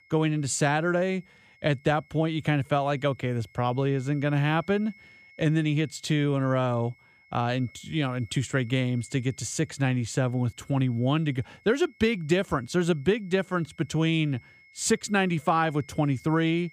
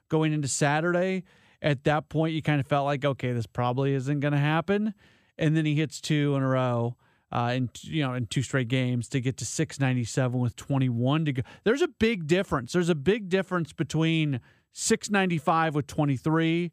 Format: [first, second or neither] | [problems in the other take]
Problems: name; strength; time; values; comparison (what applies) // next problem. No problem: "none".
second | high-pitched whine; faint; throughout; 2 kHz, 30 dB below the speech